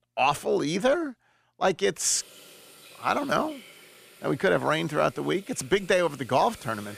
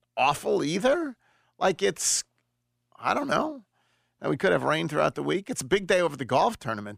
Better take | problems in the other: second | household noises; faint; from 2 s on; 20 dB below the speech

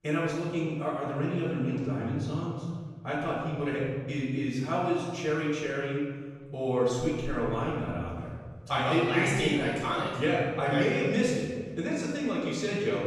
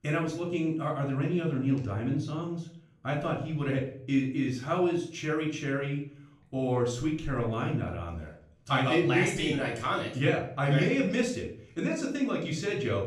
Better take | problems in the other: second | room echo; strong; dies away in 1.4 s; slight in the second // off-mic speech; far; far in the second

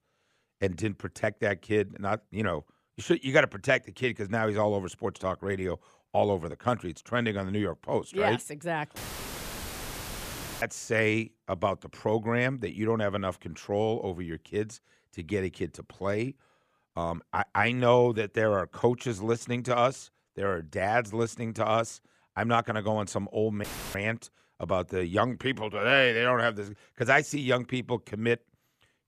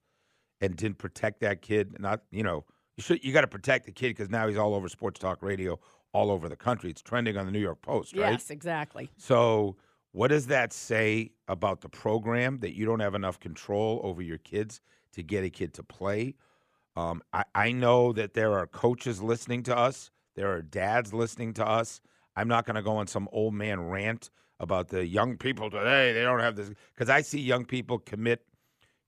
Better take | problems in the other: second | audio cutting out; filled with static; at 9 s for 1.5 s and at 24 s

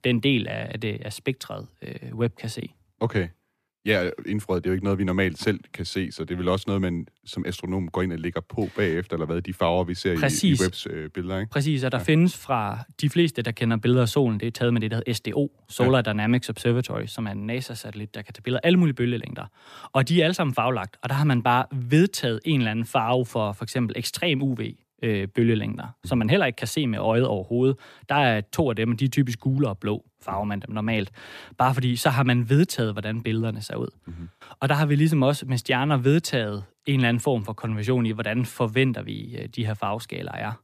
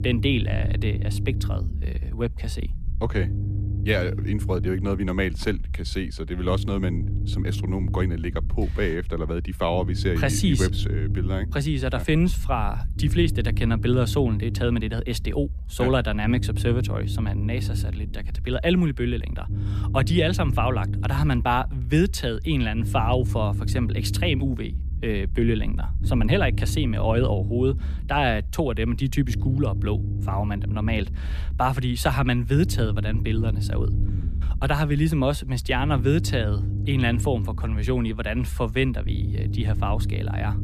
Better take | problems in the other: first | low rumble; noticeable; throughout; 15 dB below the speech

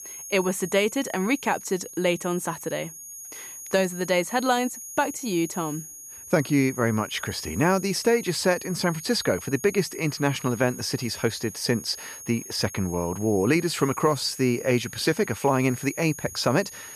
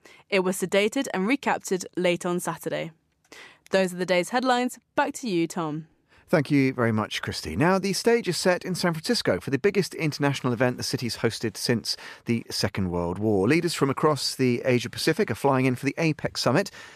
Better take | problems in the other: second | high-pitched whine; noticeable; throughout; 6.5 kHz, 10 dB below the speech

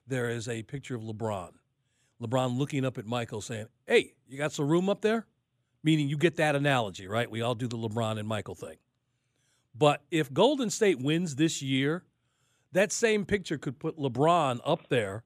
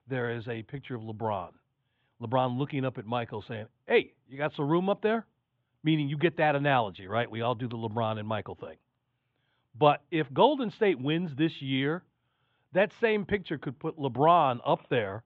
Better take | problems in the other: first | muffled; very; fading above 3.5 kHz

